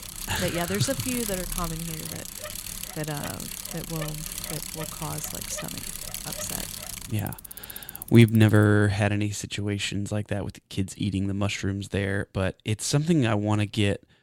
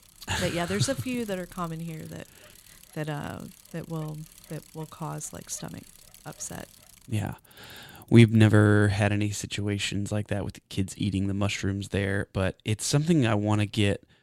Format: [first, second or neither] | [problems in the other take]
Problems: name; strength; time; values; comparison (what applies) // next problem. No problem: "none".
second | traffic noise; loud; until 8.5 s; 8 dB below the speech; faint in the second